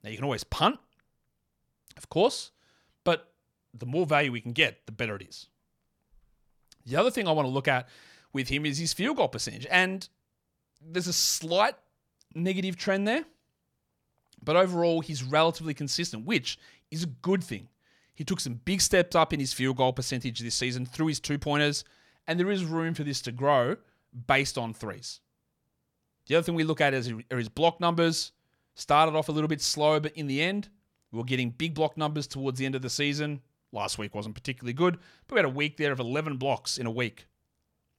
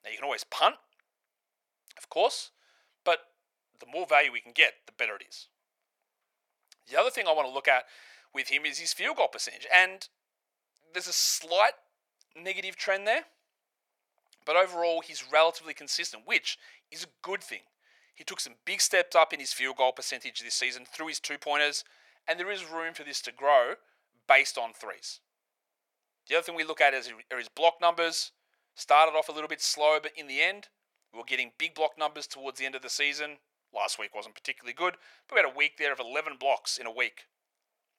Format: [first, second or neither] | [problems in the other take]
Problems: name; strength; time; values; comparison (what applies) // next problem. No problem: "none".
first | thin; very; fading below 550 Hz